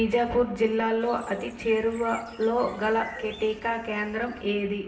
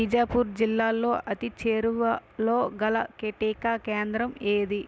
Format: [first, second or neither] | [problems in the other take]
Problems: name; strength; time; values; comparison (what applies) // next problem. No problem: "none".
second | background sound (Bird); 19 dB below the speech // room echo; dies away in 1.1 s